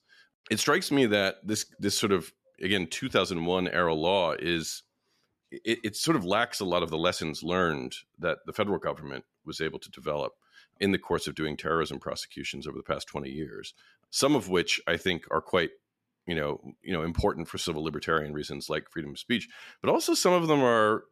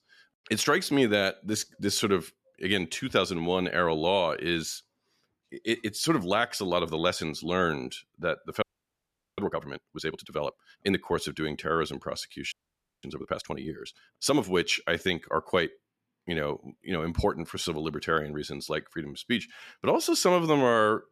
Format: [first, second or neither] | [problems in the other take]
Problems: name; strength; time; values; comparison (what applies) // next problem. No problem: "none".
first | audio freezing; at 8.5 s for 1 s and at 13 s for 0.5 s